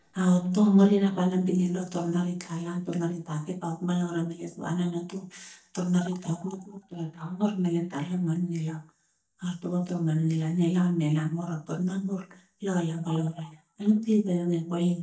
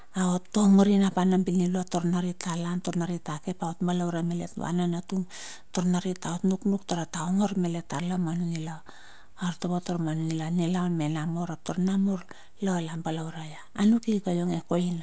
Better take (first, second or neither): second